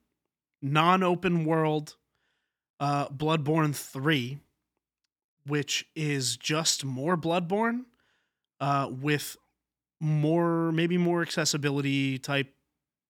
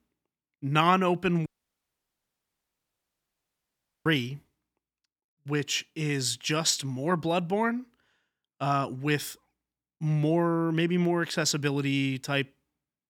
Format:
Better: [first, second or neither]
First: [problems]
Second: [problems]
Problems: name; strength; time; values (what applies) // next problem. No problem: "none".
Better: first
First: none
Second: audio cutting out; at 1.5 s for 2.5 s